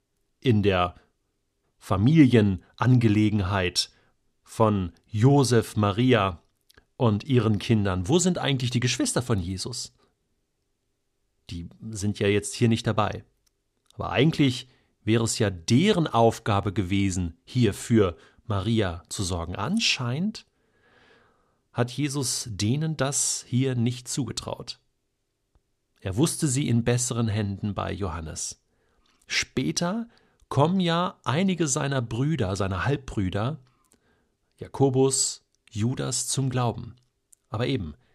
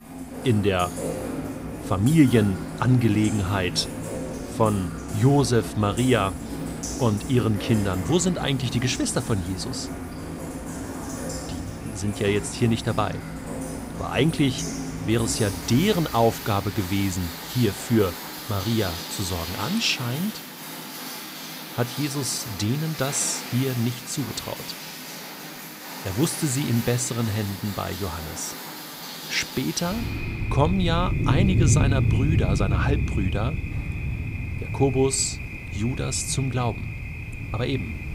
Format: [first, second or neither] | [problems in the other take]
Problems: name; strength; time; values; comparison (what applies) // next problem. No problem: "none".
first | rain or running water; loud; throughout; 6 dB below the speech